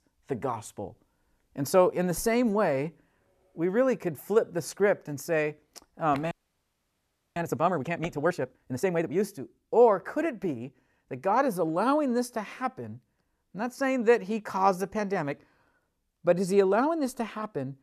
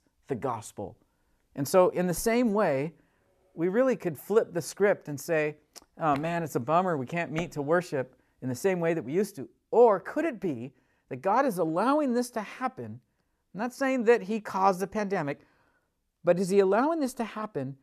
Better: second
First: audio freezing; at 6.5 s for 1 s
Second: none

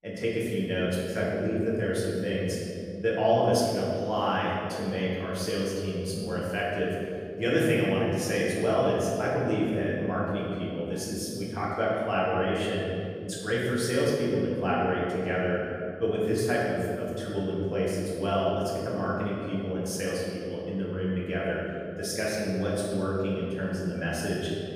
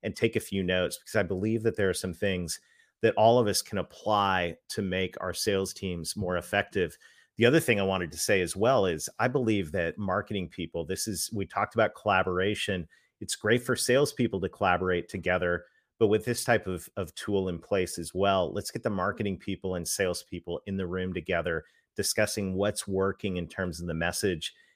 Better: second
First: room echo; strong; dies away in 2.7 s // off-mic speech; far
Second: none

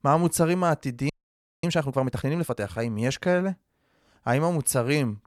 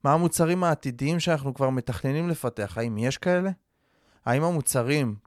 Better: second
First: audio freezing; at 1 s for 0.5 s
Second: none

